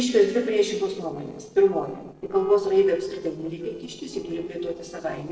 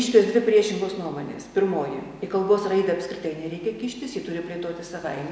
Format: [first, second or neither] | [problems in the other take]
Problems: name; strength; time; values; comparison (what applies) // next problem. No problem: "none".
second | noise reduction (neural separator model SepFormer DNS4)